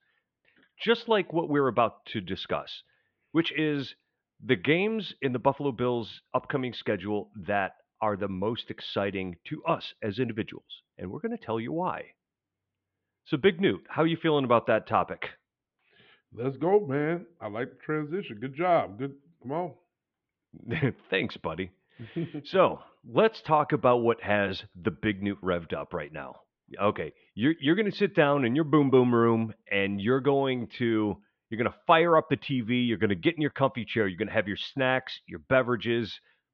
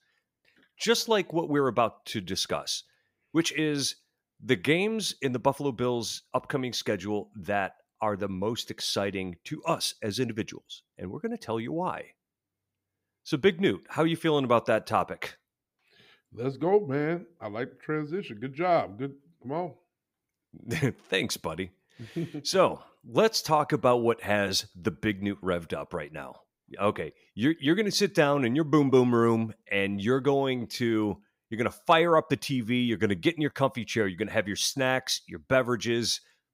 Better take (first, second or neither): second